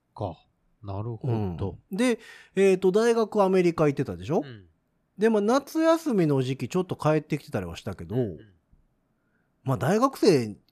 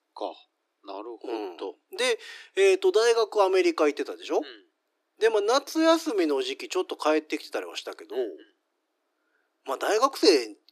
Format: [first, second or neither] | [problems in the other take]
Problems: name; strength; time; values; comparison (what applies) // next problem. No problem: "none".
first | thin; very; fading below 300 Hz